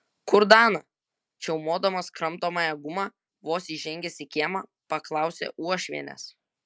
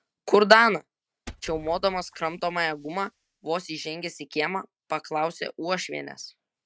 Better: first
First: none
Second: noise reduction (neural mask model RNNoise)

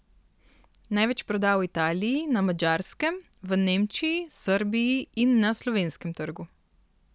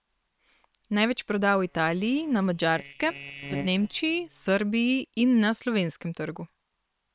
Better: first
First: none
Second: noise reduction (neural separator model SepFormer WHAM!)

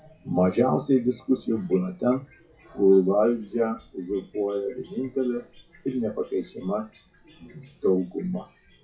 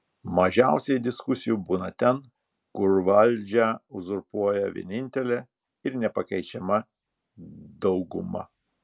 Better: second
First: noise reduction (classical method WPE with log-MMSE)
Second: none

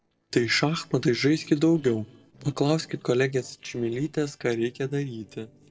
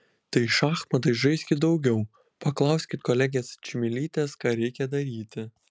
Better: second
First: noise reduction (neural separator model SepFormer DNS4)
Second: none

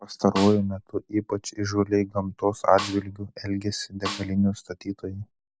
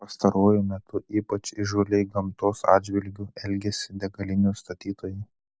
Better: second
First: background sound (Snare drum); 10 dB below the speech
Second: none

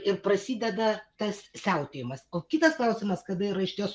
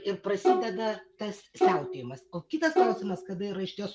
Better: first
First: none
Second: background sound (Bowed string instrument); 3 dB above the speech

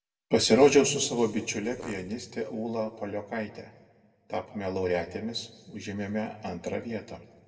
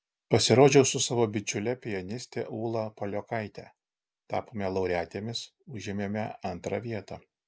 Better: second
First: background sound (Fart); 16 dB below the speech // room echo; dies away in 1.1 s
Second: none

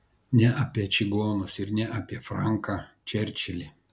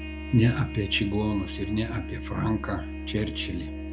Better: first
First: none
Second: background sound (Trumpet + Musical instrument); 7 dB below the speech

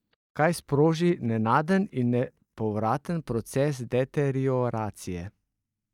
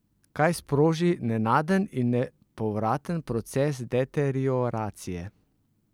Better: second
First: noise reduction (neural mask model DeepFilterNet 3)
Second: none

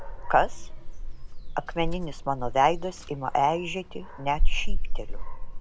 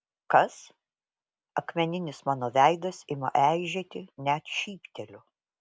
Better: second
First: background sound (Dog); 3 dB above the speech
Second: none

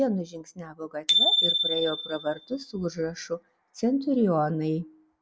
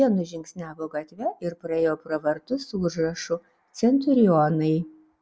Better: second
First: background sound (Bicycle bell); 1 dB above the speech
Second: none

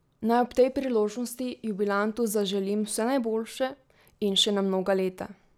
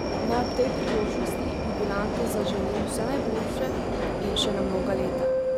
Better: first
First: none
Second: background sound (Subway, metro, underground); 3 dB above the speech

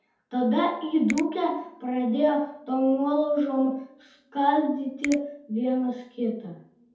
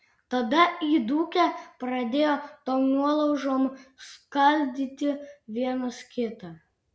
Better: second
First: background sound (Finger snapping); 17 dB below the speech // room echo; dies away in 0.6 s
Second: none

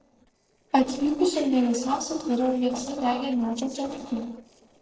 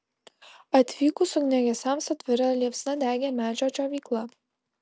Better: second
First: noise reduction (neural separator model SepFormer DNS4)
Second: none

